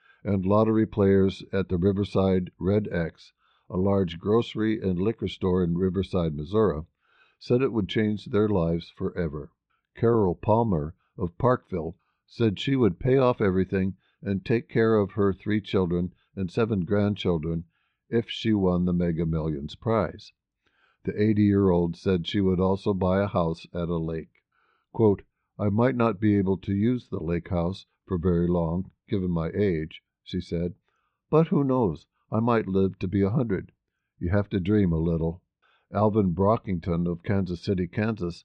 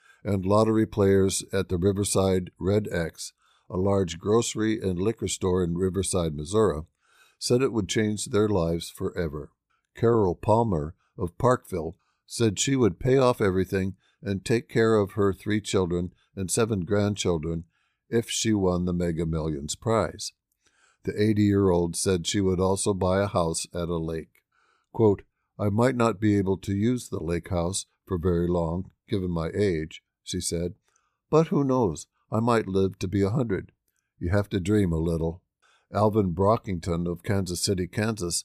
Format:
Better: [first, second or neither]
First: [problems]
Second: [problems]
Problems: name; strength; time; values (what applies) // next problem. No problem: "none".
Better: second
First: muffled; very; fading above 3.5 kHz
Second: none